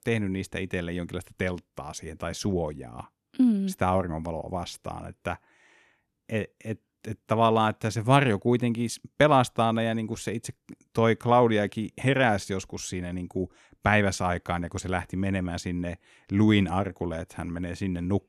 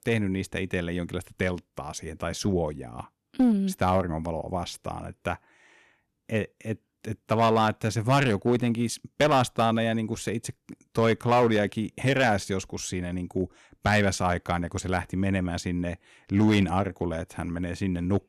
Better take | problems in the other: first | distortion; slight; 4% of the sound clipped

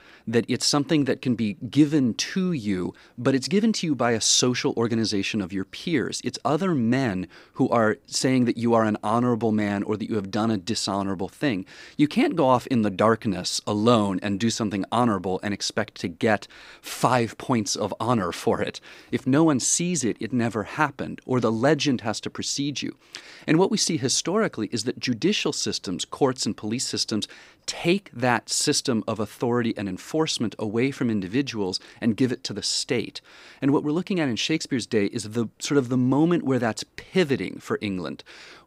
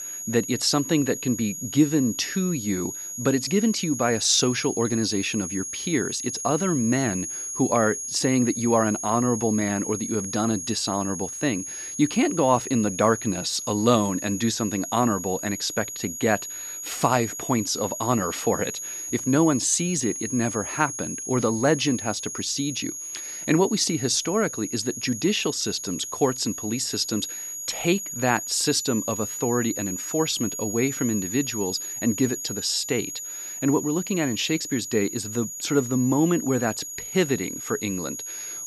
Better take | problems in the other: first | high-pitched whine; loud; throughout; 7 kHz, 6 dB below the speech

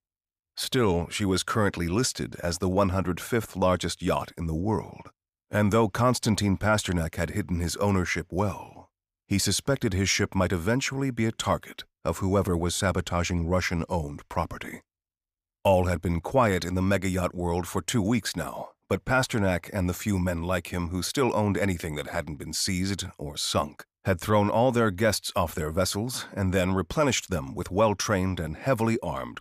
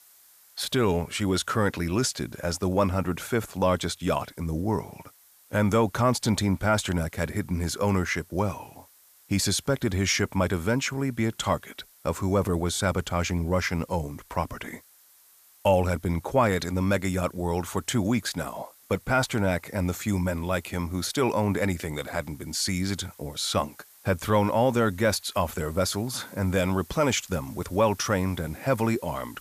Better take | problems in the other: first | hiss; faint; throughout; 25 dB below the speech

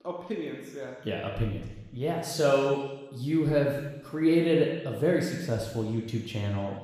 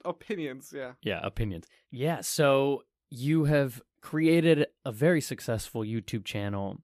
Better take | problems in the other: second | room echo; noticeable; dies away in 1.1 s // off-mic speech; somewhat distant

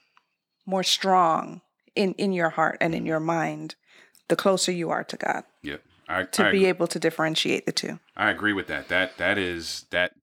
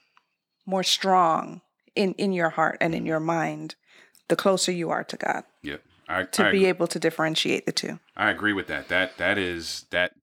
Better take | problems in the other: neither | none

